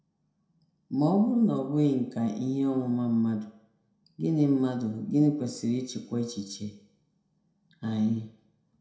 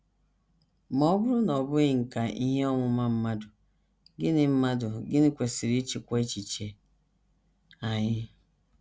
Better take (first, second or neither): second